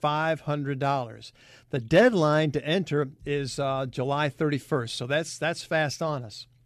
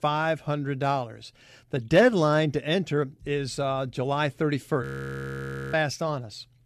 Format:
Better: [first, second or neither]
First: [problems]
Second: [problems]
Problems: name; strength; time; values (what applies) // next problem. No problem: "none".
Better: first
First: none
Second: audio freezing; at 5 s for 1 s